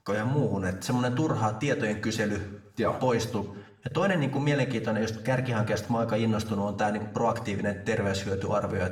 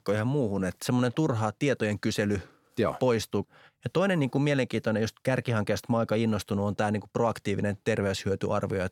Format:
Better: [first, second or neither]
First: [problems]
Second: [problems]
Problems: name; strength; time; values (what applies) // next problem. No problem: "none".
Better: second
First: room echo; slight; dies away in 0.6 s // off-mic speech; somewhat distant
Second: none